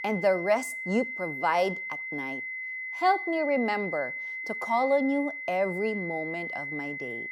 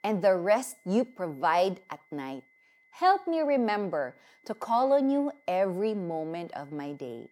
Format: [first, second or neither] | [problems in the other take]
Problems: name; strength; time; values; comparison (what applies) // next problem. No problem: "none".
second | high-pitched whine; loud; throughout; 2 kHz, 5 dB below the speech; faint in the second